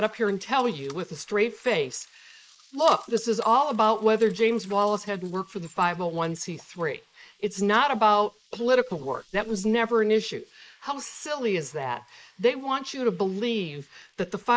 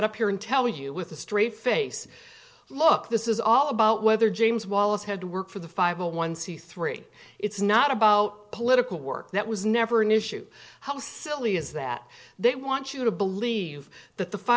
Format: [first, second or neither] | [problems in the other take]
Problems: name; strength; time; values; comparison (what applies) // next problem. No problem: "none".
second | noise reduction (neural mask model Resemble Enhance denoiser)